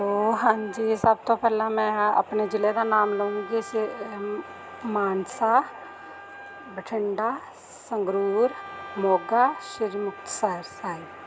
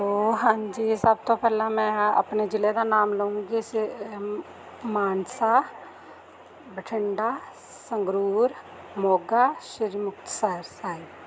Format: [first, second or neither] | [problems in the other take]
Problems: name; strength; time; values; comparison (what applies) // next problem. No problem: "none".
second | background sound (Wind instrument, woodwind instrument); 18 dB below the speech